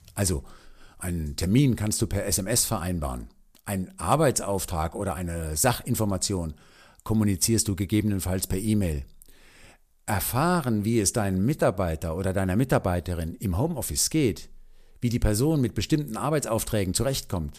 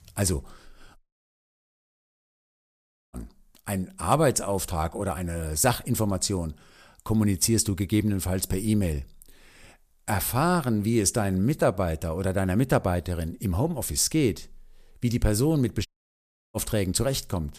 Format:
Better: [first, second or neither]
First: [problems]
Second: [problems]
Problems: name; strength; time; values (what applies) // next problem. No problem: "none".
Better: first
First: none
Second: audio cutting out; at 1 s for 2 s and at 16 s for 0.5 s